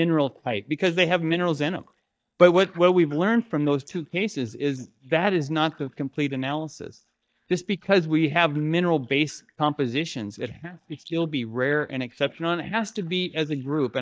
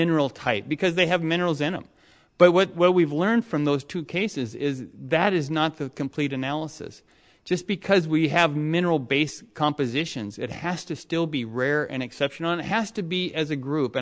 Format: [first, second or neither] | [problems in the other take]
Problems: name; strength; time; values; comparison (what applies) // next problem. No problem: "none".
second | noise reduction (neural mask model DeepFilterNet 3)